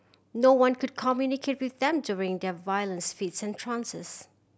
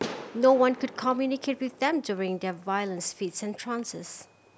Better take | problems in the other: first | background sound (Fireworks); 16 dB below the speech

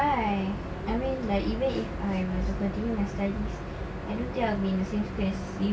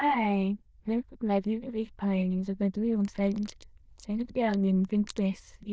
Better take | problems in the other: first | noise reduction (neural diffusion model UNIVERSE++)

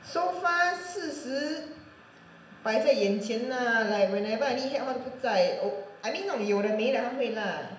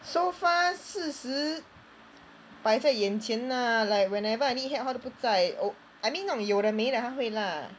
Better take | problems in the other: second | room echo; dies away in 0.8 s

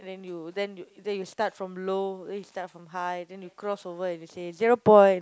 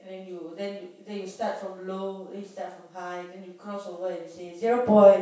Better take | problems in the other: first | room echo; dies away in 0.7 s

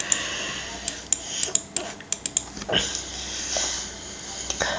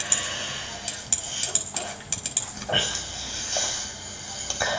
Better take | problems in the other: first | background sound (Walk, footsteps / Bird vocalization, bird call, bird song); 19 dB below the speech // room echo; dies away in 1.5 s

